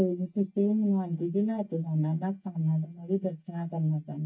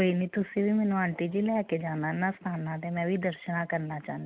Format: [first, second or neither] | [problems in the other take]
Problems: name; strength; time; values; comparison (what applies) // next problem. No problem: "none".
second | noise reduction (neural mask model DeepFilterNet 3)